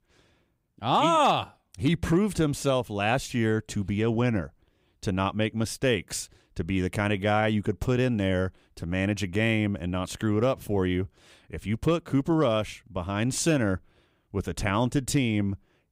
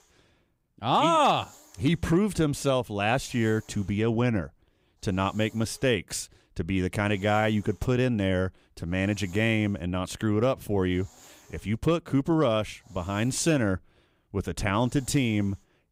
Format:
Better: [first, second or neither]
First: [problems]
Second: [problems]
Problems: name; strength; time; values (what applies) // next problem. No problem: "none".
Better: first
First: none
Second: hiss; faint; throughout; 30 dB below the speech